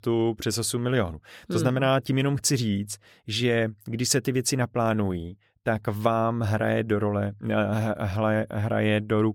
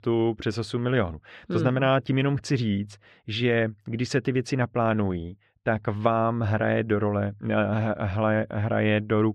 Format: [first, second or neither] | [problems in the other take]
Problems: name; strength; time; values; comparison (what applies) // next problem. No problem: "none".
first | muffled; slightly; fading above 2.5 kHz